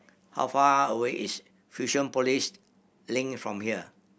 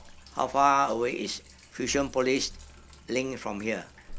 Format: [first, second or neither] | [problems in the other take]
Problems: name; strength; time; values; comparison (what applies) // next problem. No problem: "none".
first | background sound (Sink (filling or washing)); 18 dB below the speech